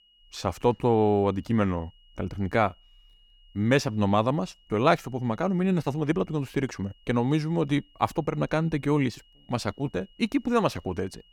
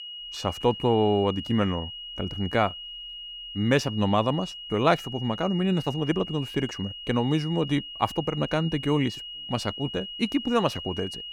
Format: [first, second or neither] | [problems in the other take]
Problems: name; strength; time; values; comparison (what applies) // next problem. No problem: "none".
first | high-pitched whine; loud; throughout; 3 kHz, 10 dB below the speech; faint in the first